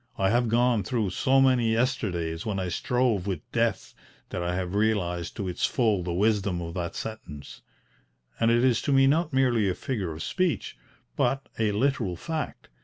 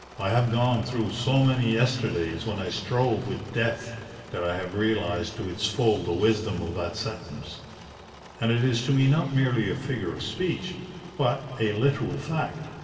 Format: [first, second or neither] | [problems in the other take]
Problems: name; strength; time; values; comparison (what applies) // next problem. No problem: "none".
first | background sound (Engine / Mechanisms); 20 dB below the speech // room echo; dies away in 2.9 s